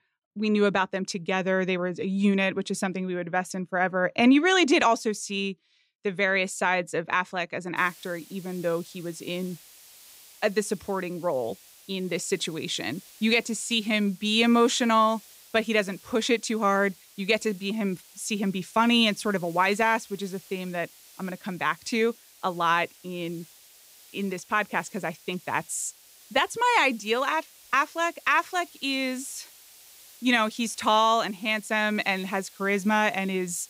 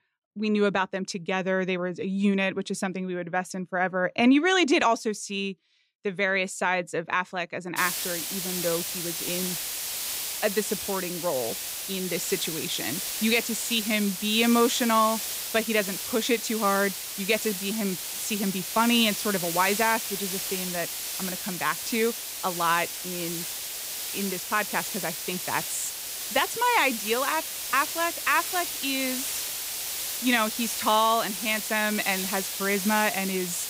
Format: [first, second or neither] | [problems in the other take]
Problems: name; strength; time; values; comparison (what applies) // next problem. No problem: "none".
first | hiss; loud; from 8 s on; 3 dB below the speech; faint in the first